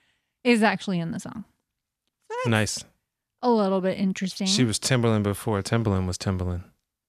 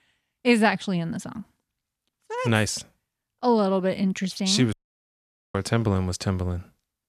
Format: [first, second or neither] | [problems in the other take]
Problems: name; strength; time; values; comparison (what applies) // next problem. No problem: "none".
first | audio cutting out; at 4.5 s for 1 s